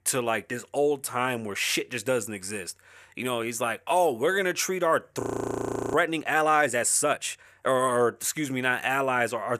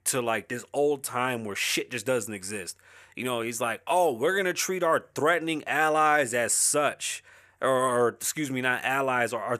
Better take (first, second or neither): second